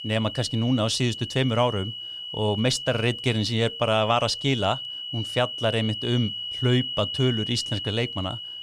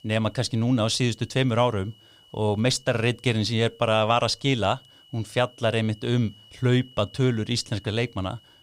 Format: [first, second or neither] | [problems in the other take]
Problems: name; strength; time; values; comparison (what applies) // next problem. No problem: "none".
second | high-pitched whine; loud; throughout; 3 kHz, 6 dB below the speech; faint in the second